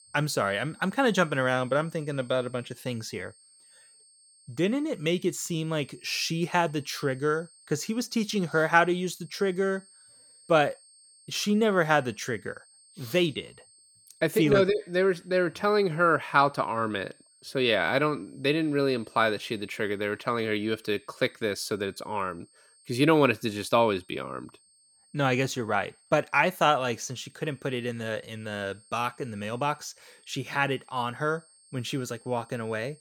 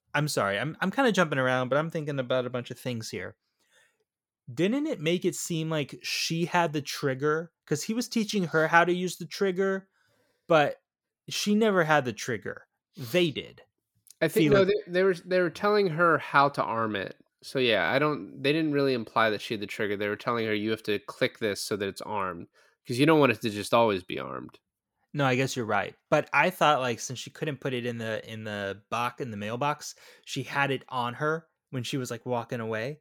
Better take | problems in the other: second | high-pitched whine; faint; throughout; 8.5 kHz, 30 dB below the speech

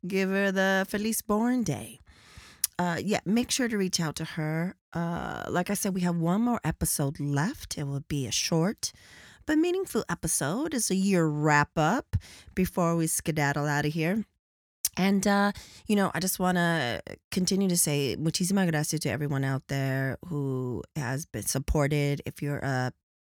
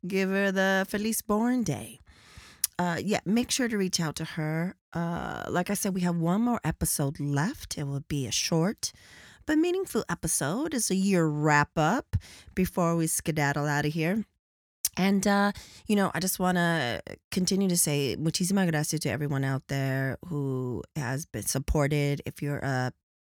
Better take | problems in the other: neither | none

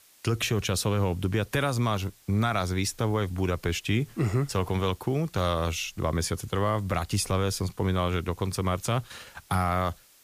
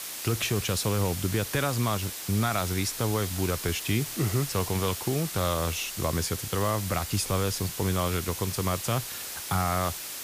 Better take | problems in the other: first | hiss; loud; throughout; 5 dB below the speech; faint in the first

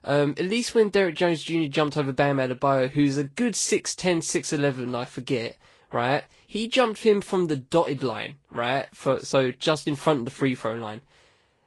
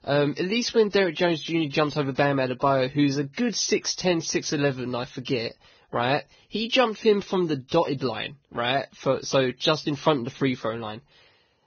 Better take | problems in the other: first | garbled, watery; badly; nothing above 6.5 kHz; slightly in the first

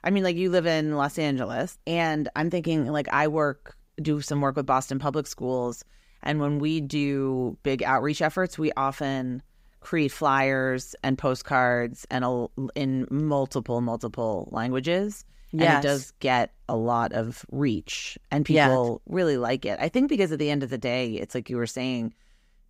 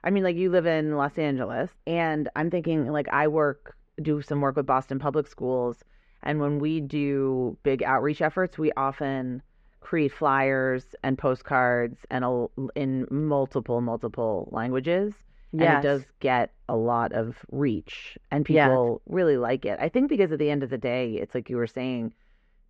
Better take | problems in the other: first | muffled; very; fading above 2 kHz

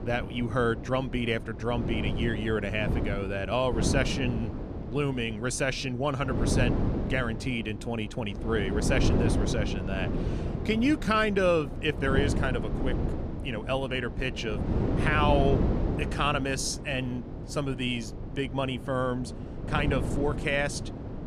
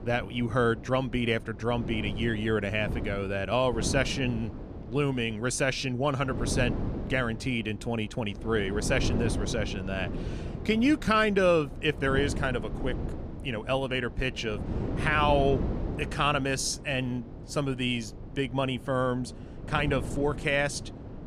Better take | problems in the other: second | wind noise on the microphone; heavy; 8 dB below the speech; occasional gusts in the second

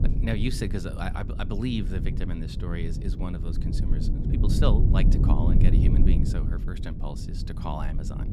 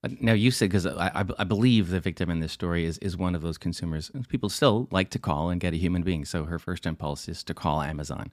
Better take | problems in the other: second | low rumble; loud; throughout; 3 dB below the speech

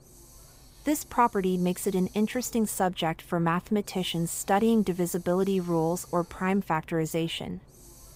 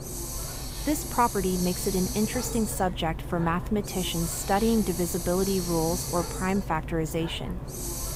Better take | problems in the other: first | hiss; loud; throughout; 6 dB below the speech; faint in the first

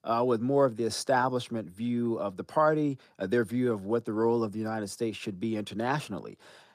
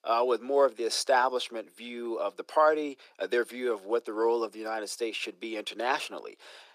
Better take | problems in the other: first | thin; somewhat; fading below 350 Hz

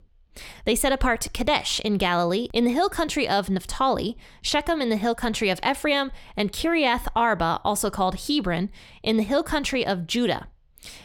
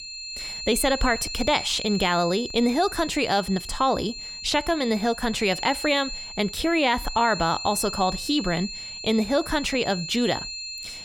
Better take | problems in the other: first | high-pitched whine; loud; throughout; 4 kHz, 9 dB below the speech

